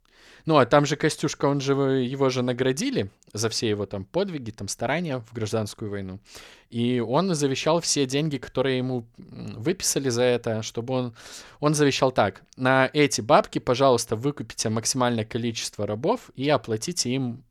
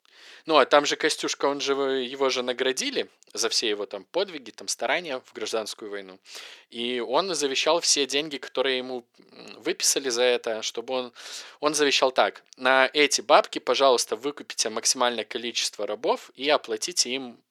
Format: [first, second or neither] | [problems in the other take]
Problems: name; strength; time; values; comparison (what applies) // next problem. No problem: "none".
first | thin; somewhat; fading below 350 Hz